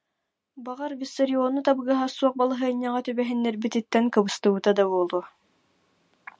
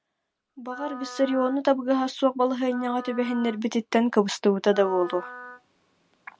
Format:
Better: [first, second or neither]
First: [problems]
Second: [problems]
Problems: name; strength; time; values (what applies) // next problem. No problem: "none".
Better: first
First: none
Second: background sound (Wind instrument, woodwind instrument); 18 dB below the speech